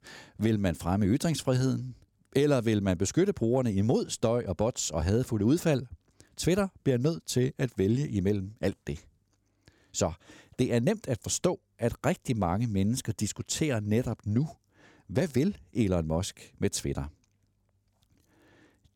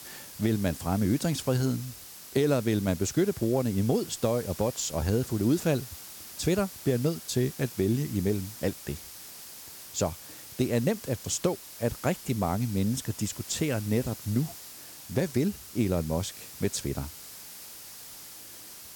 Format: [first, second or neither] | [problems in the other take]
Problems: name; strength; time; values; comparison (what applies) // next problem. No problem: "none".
first | hiss; noticeable; throughout; 15 dB below the speech